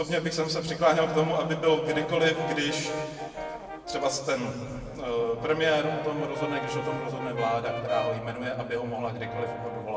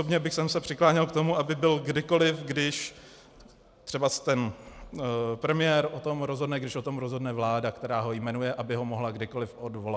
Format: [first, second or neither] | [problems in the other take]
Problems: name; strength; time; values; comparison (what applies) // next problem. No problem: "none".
second | background sound (Brass instrument); 8 dB below the speech // room echo; dies away in 2.2 s